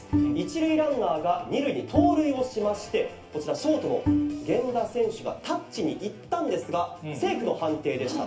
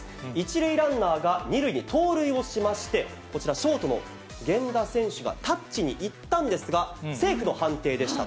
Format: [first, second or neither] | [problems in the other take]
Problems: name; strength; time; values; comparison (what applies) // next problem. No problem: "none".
second | background sound (Bowed string instrument); 2 dB below the speech // room echo; dies away in 0.3 s